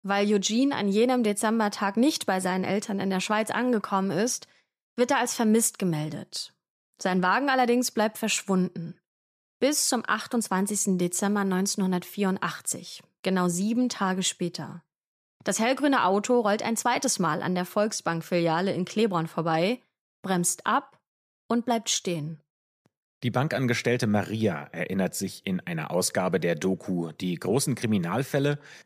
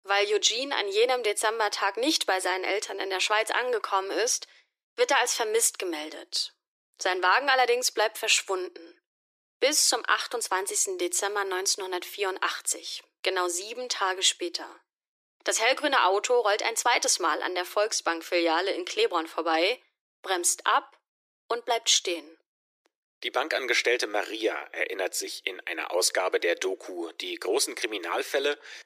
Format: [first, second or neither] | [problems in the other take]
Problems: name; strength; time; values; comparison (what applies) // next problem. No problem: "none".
first | thin; very; fading below 300 Hz